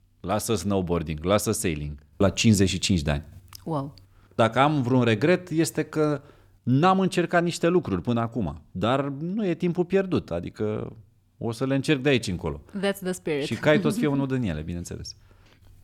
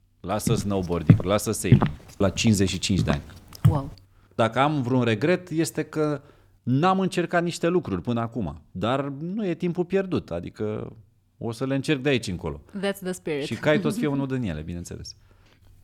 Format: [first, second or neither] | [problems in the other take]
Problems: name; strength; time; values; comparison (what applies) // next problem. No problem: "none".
first | footsteps; loud; until 4 s; peak 5 dB above the speech